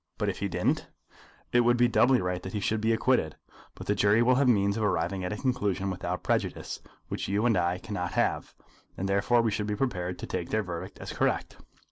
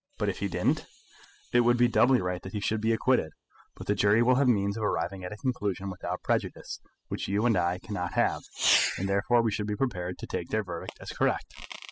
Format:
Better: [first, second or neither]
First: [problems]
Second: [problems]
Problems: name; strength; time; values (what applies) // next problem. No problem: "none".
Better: first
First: none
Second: noise reduction (classical method spectral subtraction)